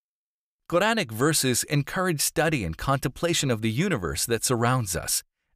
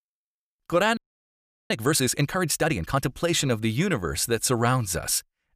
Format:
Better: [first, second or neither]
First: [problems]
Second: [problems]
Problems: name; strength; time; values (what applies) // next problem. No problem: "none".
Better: first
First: none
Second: audio freezing; at 1 s for 0.5 s